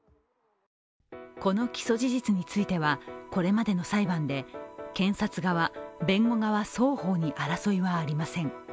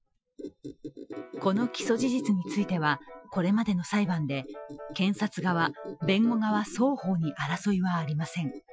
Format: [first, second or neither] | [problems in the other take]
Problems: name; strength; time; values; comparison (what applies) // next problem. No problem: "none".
first | noise reduction (classical method Wiener filter)